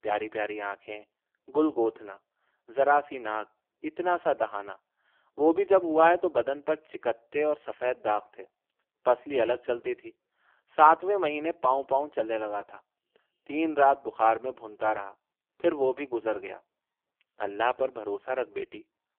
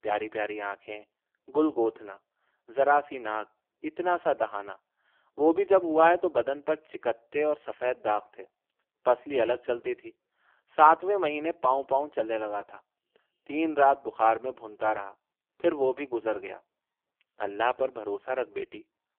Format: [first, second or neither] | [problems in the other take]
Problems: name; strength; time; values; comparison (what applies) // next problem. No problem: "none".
neither | phone-call audio; poor line; the same in both